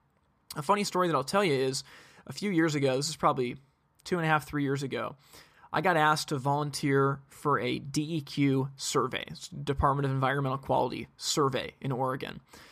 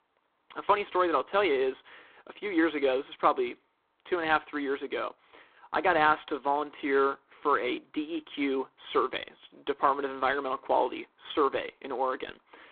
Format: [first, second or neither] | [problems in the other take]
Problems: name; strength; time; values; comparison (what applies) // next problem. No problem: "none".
first | phone-call audio; poor line